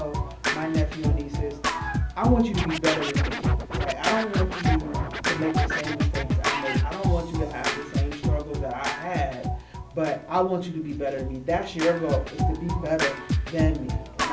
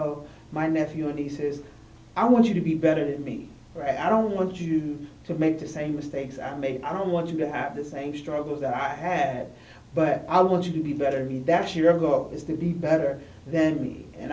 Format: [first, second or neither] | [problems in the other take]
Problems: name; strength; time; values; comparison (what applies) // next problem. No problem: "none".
second | background sound (Scratching (performance technique)); 2 dB above the speech